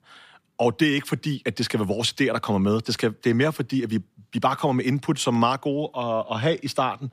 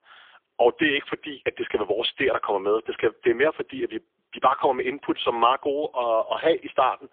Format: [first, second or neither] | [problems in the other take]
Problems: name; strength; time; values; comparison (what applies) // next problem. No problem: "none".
first | phone-call audio; poor line; nothing above 3.5 kHz